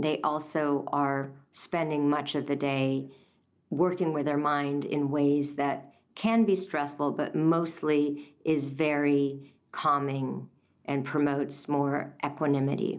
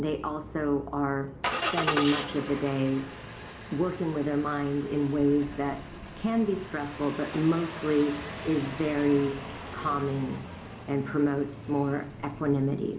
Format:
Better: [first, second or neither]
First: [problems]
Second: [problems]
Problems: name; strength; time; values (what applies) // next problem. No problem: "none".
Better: first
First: none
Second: background sound (Engine starting); 9 dB below the speech // room echo; dies away in 1.2 s